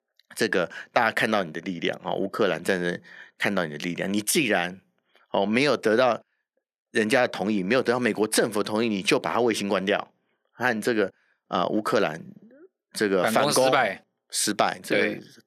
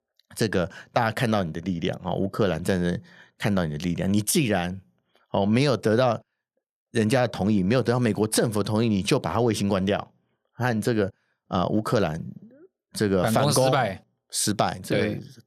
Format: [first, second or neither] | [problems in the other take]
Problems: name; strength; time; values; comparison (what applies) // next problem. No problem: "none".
second | thin; very slightly; fading below 300 Hz